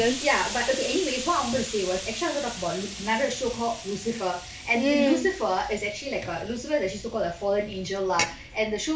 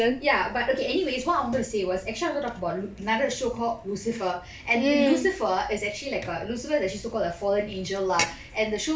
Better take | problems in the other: second | background sound (Explosion); 12 dB below the speech

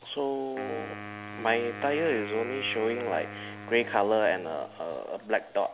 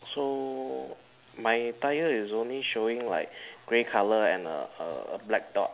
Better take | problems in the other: second | background sound (Wind instrument, woodwind instrument); 12 dB below the speech

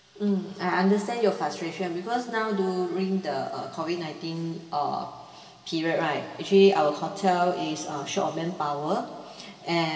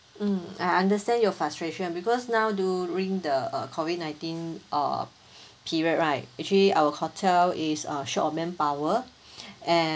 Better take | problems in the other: second | room echo; dies away in 2.8 s

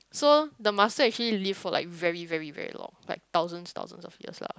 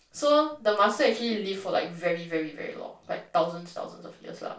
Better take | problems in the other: first | room echo; dies away in 0.3 s

